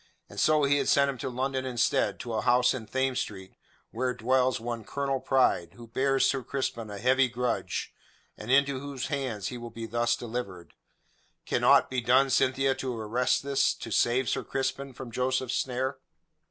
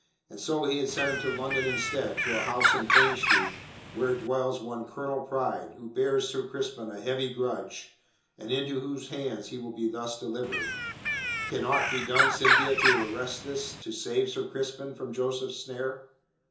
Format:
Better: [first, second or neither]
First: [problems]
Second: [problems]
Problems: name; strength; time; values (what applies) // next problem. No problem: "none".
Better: first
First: none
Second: background sound (Bird); 4 dB above the speech // room echo; dies away in 0.6 s